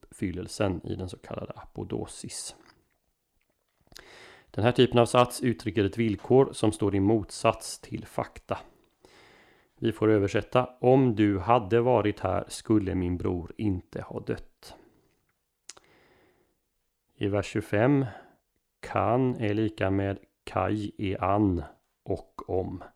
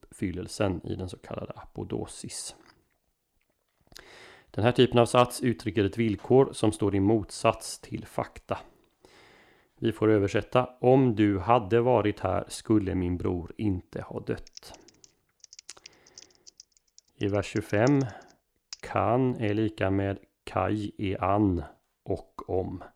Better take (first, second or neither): first